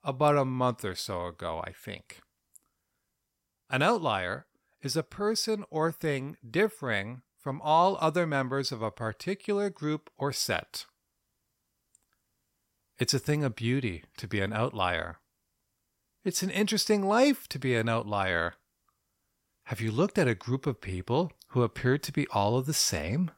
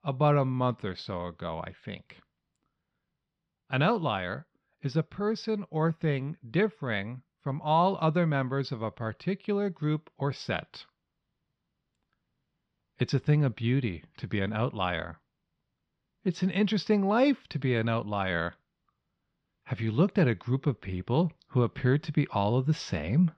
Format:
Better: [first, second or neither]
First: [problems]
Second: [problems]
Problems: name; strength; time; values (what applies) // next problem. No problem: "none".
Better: first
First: none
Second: muffled; slightly; fading above 4 kHz